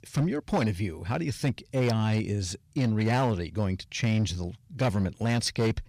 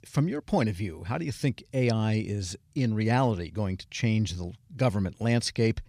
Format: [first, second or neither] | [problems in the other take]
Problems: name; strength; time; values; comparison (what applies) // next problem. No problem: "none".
second | distortion; slight; 8% of the sound clipped